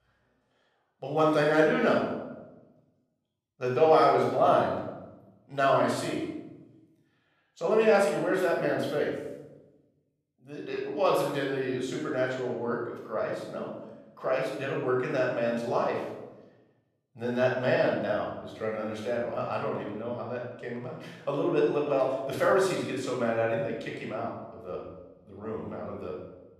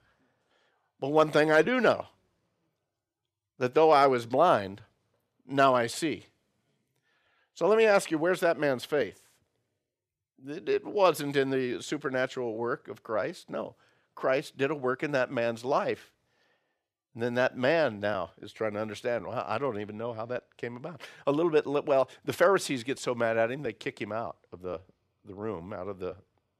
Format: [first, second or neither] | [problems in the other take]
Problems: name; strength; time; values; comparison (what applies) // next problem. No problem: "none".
second | off-mic speech; far // room echo; noticeable; dies away in 0.9 s